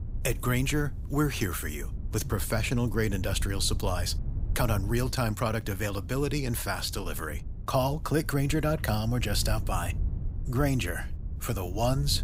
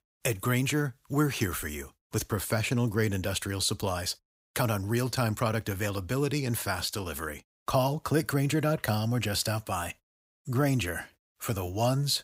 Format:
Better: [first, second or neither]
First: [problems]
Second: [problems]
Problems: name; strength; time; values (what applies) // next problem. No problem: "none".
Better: second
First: wind noise on the microphone; occasional gusts; 20 dB below the speech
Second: none